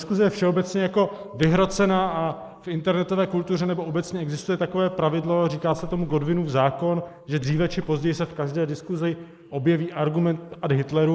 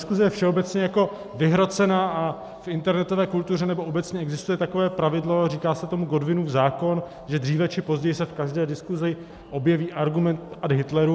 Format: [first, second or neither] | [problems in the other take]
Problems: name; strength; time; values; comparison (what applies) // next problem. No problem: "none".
second | noise reduction (neural mask model Resemble Enhance denoiser)